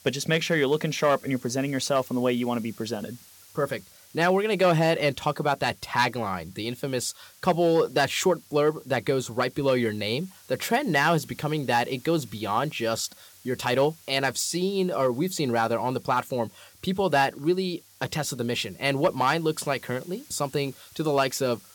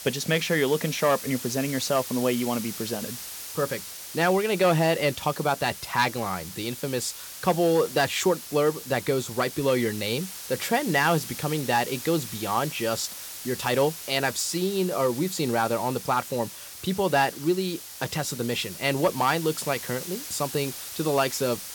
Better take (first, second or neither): first